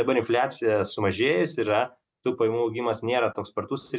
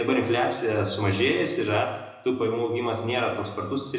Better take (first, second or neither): first